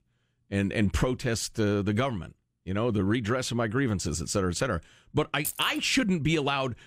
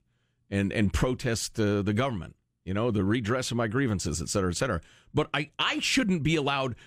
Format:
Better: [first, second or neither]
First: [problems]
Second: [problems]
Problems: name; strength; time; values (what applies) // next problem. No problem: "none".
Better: second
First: jangling keys; noticeable; at 5.5 s; peak 6 dB below the speech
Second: none